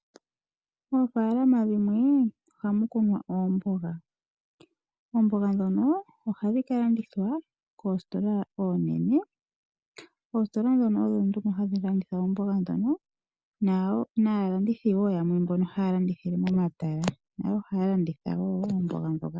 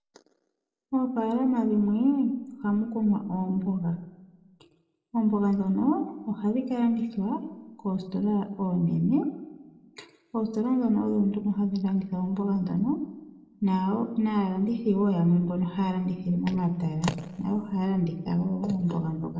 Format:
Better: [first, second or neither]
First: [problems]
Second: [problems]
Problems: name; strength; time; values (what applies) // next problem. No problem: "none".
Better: first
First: none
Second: room echo; dies away in 0.8 s